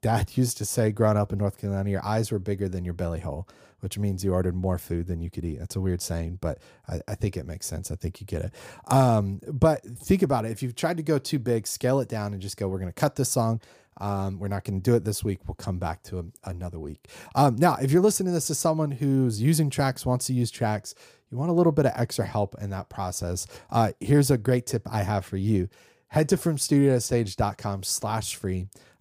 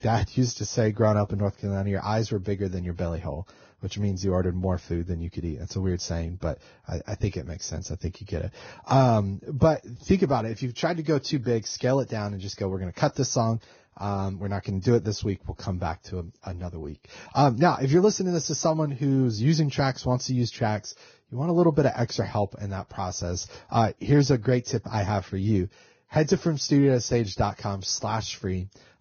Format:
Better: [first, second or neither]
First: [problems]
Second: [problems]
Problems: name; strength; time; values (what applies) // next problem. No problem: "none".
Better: first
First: none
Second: garbled, watery; badly; nothing above 6.5 kHz